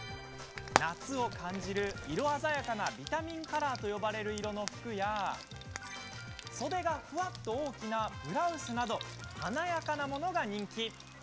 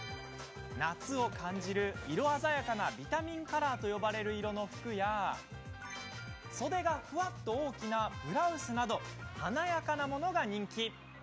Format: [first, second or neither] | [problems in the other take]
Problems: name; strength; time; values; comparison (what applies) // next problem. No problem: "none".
second | background sound (Frying (food)); 9 dB below the speech